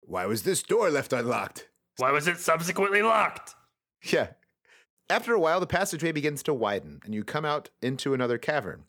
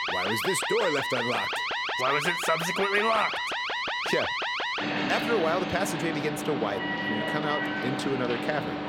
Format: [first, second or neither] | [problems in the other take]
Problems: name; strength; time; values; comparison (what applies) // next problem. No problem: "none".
first | alarms or sirens; very loud; throughout; as loud as the speech